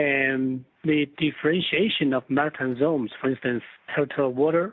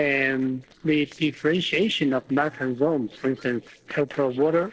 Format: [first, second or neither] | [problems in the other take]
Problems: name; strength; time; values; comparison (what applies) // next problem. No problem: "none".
first | noise reduction (neural separator model SepFormer DNS4)